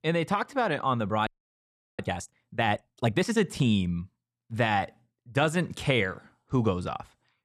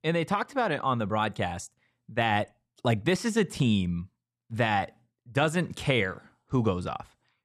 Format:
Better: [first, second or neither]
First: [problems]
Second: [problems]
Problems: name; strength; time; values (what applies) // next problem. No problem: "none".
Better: second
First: audio freezing; at 1.5 s for 0.5 s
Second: none